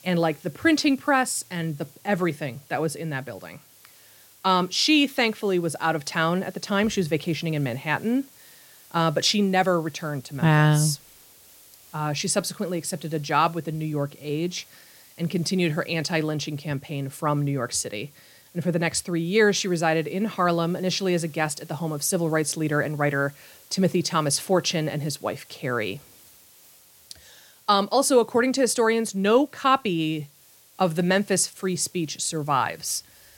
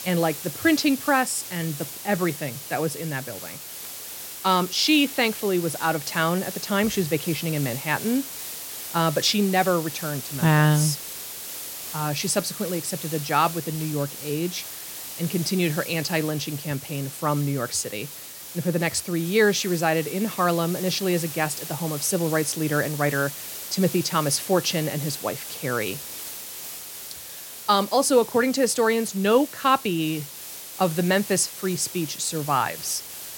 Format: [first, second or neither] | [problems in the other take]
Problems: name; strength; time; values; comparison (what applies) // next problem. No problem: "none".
first | hiss; loud; throughout; 9 dB below the speech; faint in the first